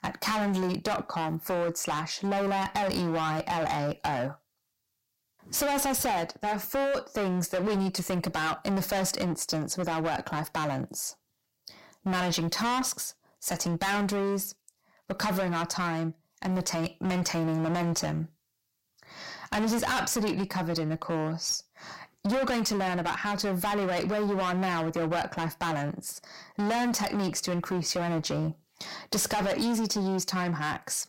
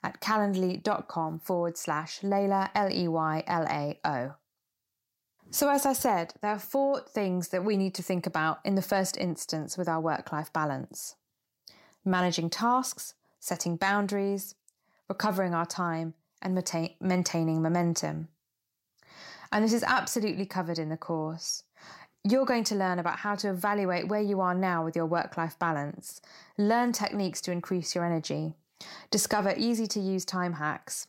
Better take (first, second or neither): second